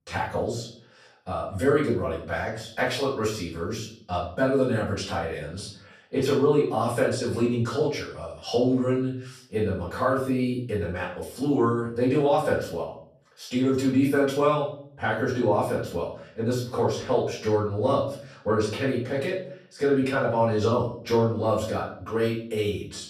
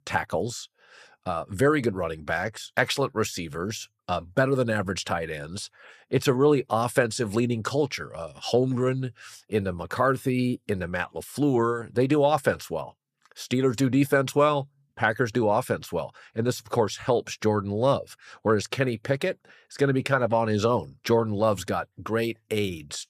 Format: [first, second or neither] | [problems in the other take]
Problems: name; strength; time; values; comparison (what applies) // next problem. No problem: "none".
second | room echo; noticeable; dies away in 0.5 s // off-mic speech; far